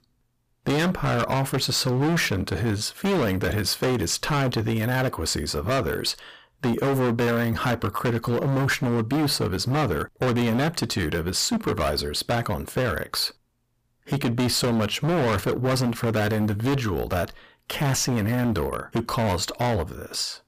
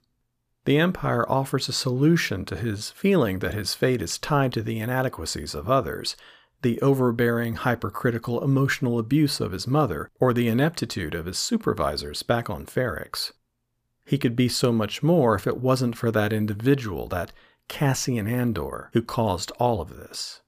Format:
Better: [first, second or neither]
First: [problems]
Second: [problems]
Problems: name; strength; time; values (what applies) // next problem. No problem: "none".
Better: second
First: distortion; heavy; 22% of the sound clipped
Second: none